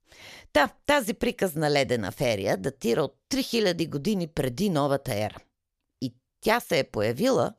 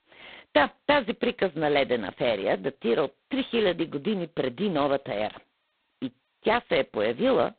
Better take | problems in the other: first | phone-call audio; poor line; nothing above 4 kHz

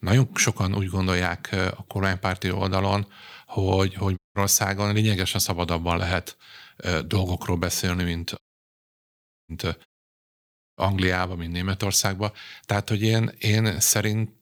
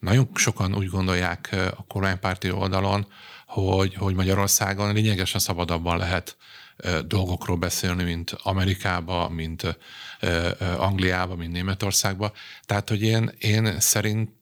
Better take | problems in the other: second | audio cutting out; at 4 s, at 8.5 s for 1 s and at 10 s for 1 s

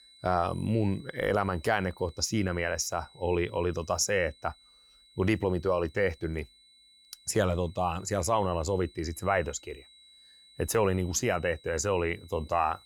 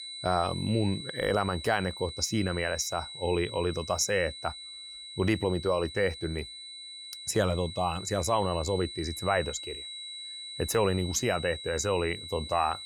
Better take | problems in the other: first | high-pitched whine; loud; throughout; 4 kHz, 10 dB below the speech; faint in the first

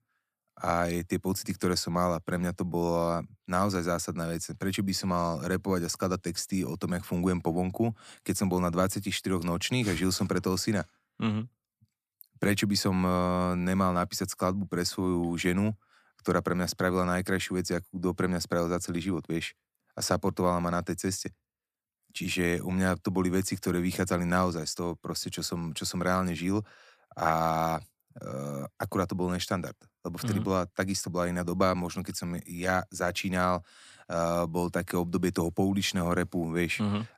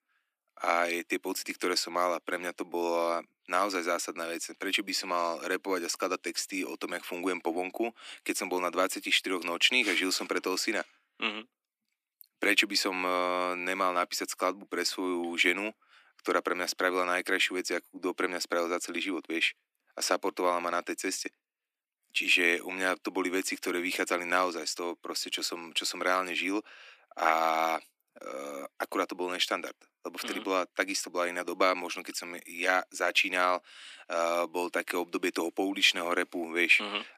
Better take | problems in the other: first | thin; somewhat; fading below 300 Hz

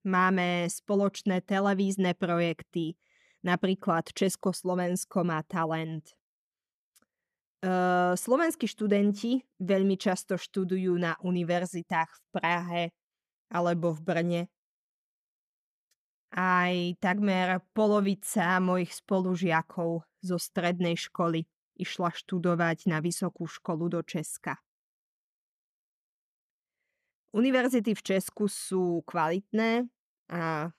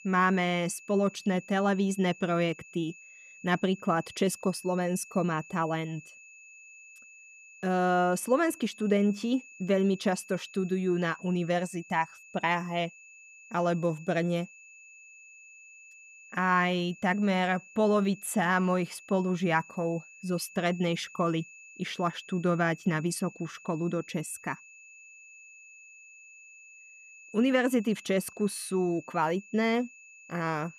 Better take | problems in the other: first | high-pitched whine; faint; throughout; 2.5 kHz, 20 dB below the speech

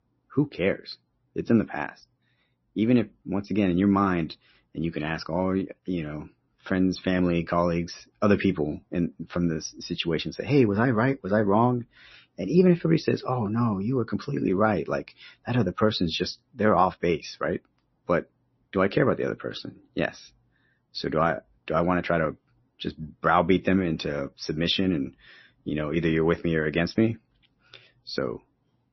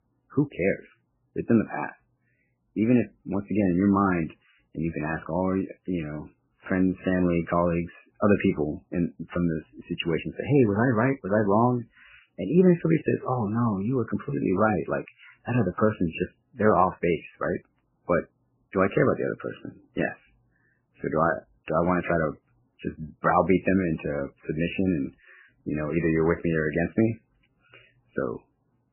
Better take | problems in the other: first | garbled, watery; badly; nothing above 3 kHz; slightly in the first

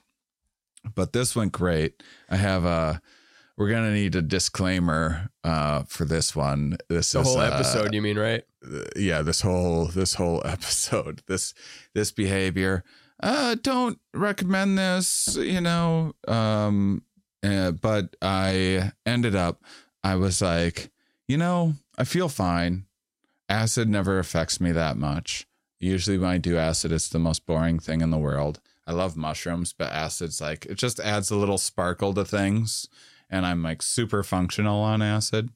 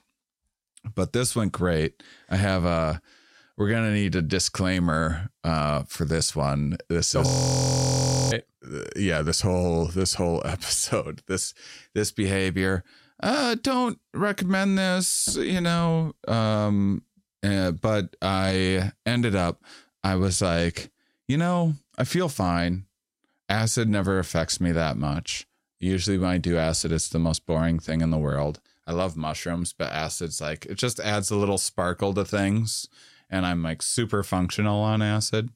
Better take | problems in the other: first | audio freezing; at 7.5 s for 1 s

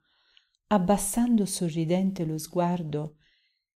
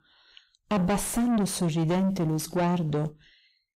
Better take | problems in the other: first | distortion; heavy; 7 dB below the speech

